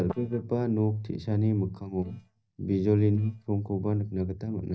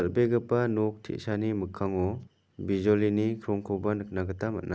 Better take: second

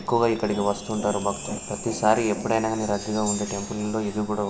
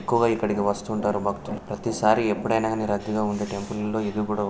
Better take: second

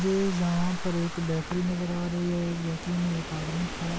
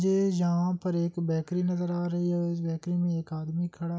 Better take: second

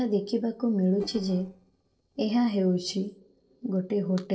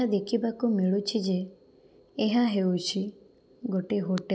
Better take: second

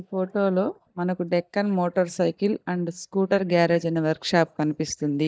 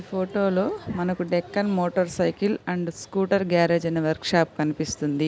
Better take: second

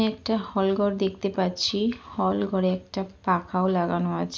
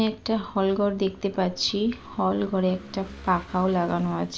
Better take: first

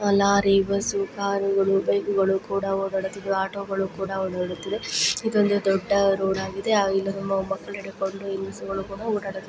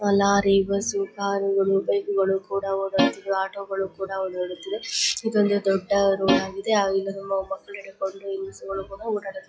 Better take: first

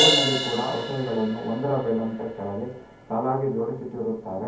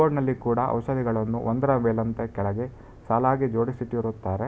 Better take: second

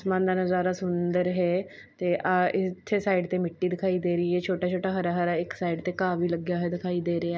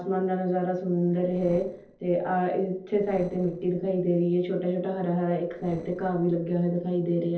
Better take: first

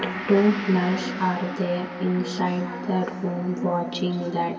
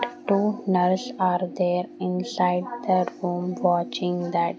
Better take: second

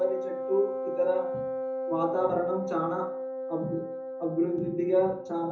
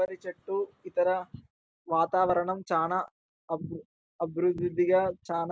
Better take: second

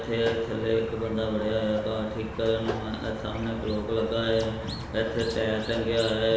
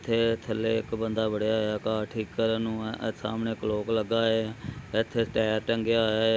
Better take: second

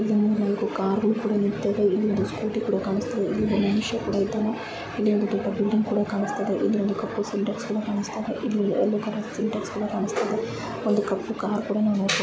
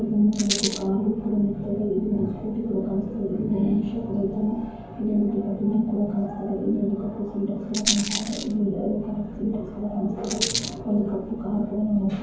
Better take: first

